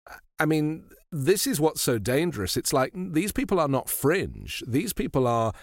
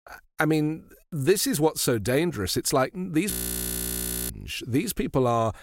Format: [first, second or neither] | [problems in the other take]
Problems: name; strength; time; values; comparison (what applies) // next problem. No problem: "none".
first | audio freezing; at 3.5 s for 1 s